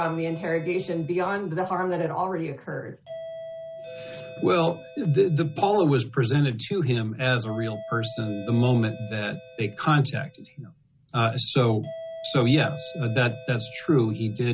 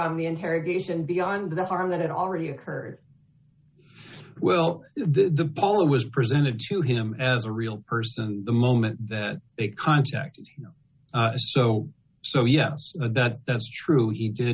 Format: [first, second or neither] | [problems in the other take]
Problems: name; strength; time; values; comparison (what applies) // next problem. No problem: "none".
second | background sound (Doorbell); 17 dB below the speech